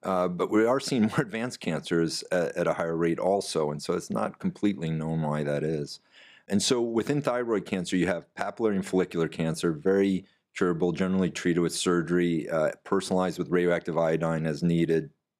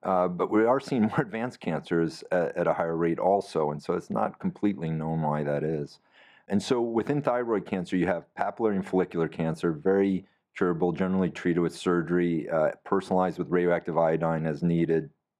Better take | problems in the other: first | muffled; slightly; fading above 3 kHz

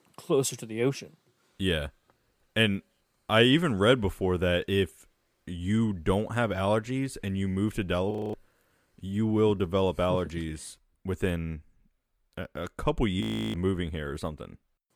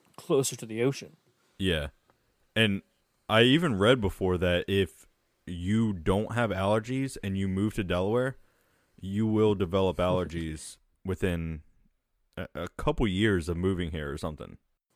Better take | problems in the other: second | audio freezing; at 8 s and at 13 s

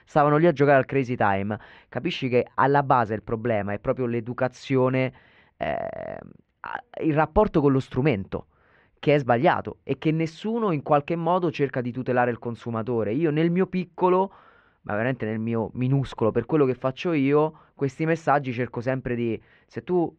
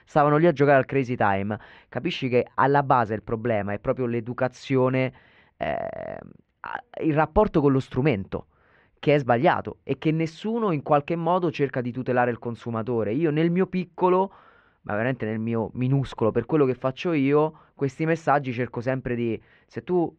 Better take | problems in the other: neither | muffled; very; fading above 2 kHz; the same in both

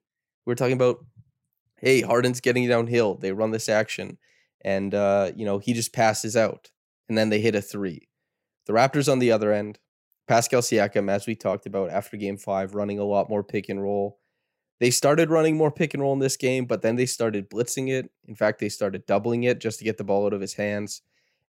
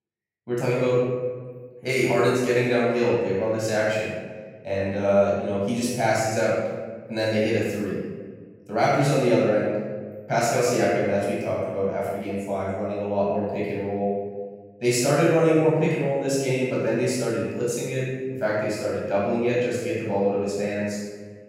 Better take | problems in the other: first | off-mic speech; far // room echo; strong; dies away in 1.3 s

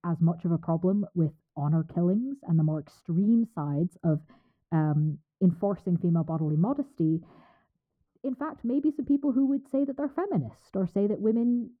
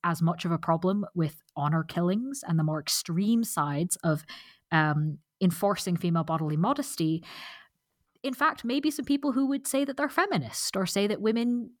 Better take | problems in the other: second | muffled; very; fading above 1.5 kHz

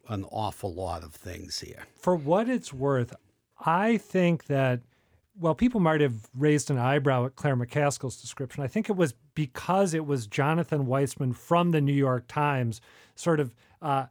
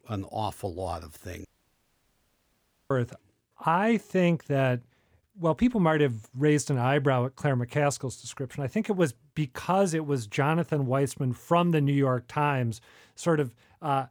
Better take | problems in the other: first | audio cutting out; at 1.5 s for 1.5 s

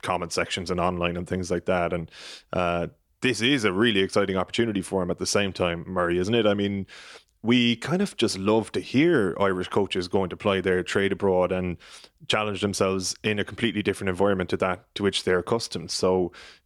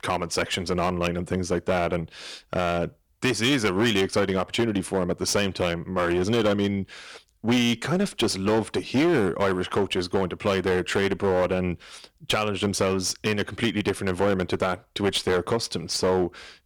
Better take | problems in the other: first | distortion; slight; 10% of the sound clipped

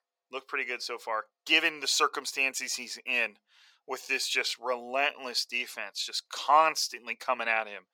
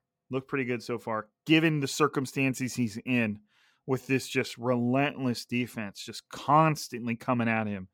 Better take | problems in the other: second | thin; very; fading below 550 Hz

